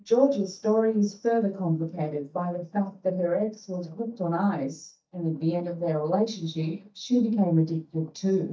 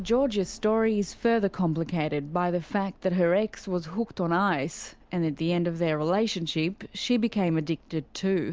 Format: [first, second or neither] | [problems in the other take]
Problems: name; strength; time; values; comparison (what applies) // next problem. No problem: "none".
second | noise reduction (neural mask model DeepFilterNet 3)